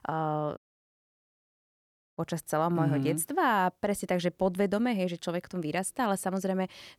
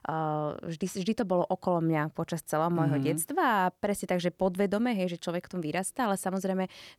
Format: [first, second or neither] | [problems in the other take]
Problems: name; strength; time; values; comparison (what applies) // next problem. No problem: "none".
second | audio cutting out; at 0.5 s for 1.5 s